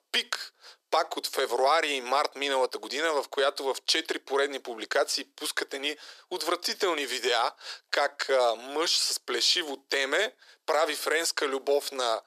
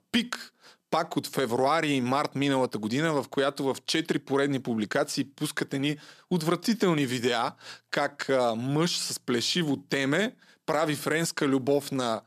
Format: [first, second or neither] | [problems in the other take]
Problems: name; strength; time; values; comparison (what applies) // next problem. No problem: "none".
second | thin; very; fading below 400 Hz